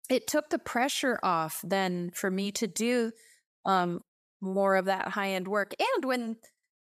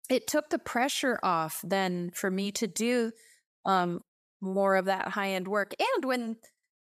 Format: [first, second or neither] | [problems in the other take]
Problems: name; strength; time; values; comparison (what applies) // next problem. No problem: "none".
neither | none